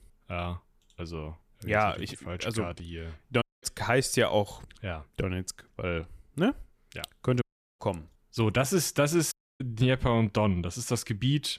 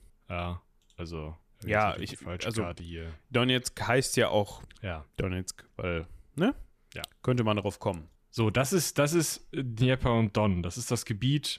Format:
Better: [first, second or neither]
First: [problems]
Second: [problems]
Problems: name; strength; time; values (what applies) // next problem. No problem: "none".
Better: second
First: audio cutting out; at 3.5 s, at 7.5 s and at 9.5 s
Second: none